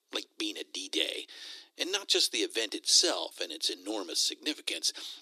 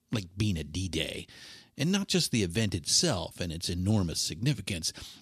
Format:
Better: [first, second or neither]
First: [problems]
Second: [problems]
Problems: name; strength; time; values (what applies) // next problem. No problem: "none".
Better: second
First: thin; very; fading below 300 Hz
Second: none